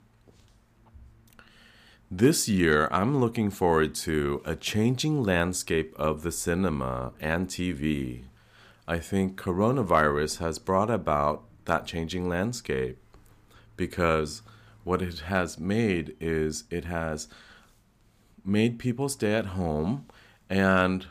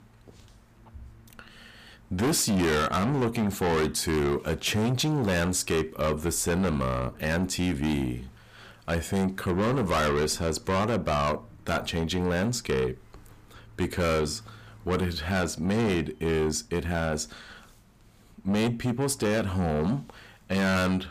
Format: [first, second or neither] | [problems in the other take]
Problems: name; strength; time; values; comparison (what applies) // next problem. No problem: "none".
first | distortion; heavy; 6 dB below the speech